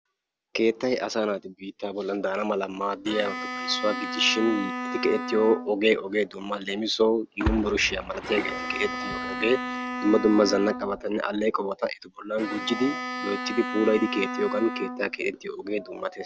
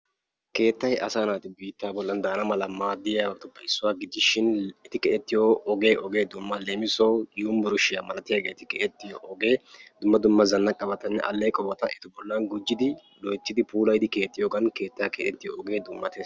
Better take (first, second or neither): second